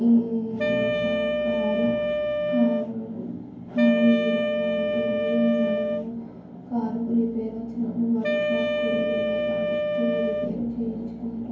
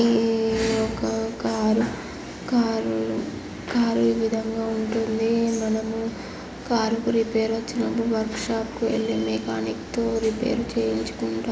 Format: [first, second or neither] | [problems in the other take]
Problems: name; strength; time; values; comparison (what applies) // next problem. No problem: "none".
second | background sound (Wind instrument, woodwind instrument); as loud as the speech // room echo; dies away in 0.9 s